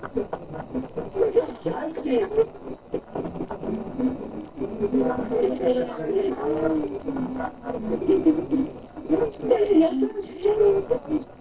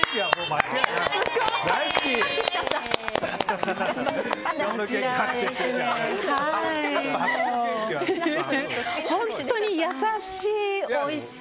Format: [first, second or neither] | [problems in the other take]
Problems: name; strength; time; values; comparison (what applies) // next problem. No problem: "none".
second | noise reduction (neural separator model SepFormer DNS4)